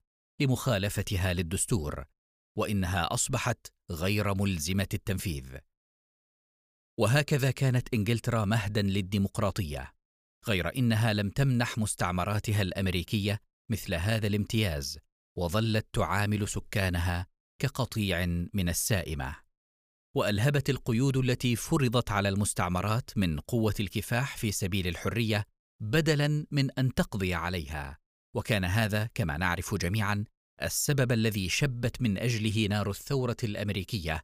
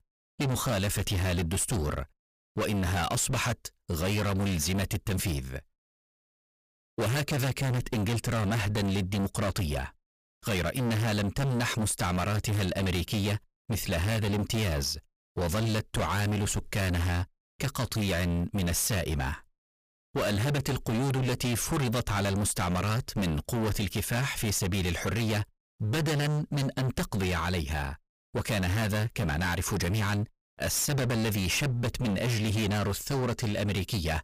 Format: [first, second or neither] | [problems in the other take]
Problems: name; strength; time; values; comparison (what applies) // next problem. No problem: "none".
first | distortion; heavy; 34% of the sound clipped